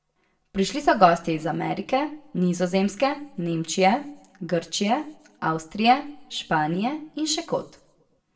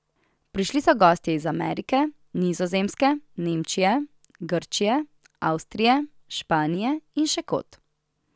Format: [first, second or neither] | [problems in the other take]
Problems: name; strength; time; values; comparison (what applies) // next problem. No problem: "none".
second | room echo; dies away in 0.4 s